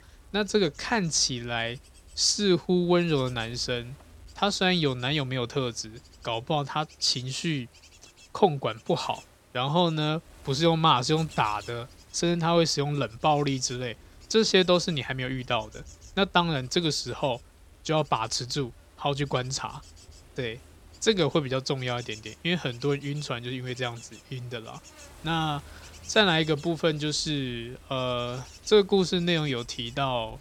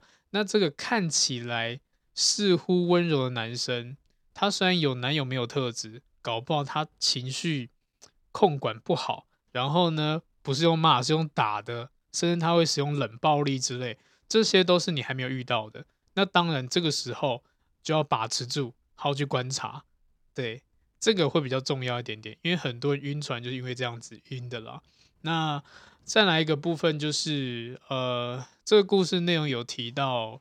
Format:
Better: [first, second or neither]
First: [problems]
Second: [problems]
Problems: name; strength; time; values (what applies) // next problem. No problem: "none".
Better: second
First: wind noise on the microphone; occasional gusts; 25 dB below the speech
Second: none